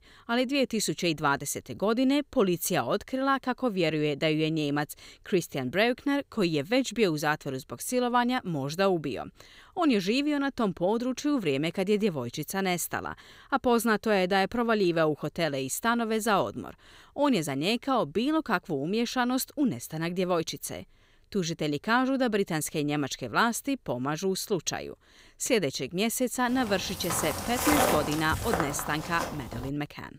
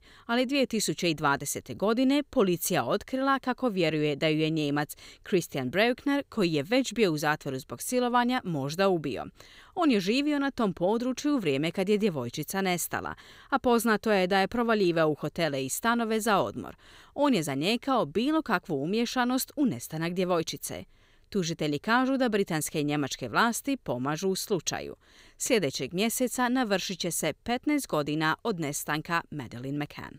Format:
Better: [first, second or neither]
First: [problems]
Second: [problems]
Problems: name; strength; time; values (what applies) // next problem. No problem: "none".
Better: second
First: footsteps; loud; from 27 to 30 s; peak 4 dB above the speech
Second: none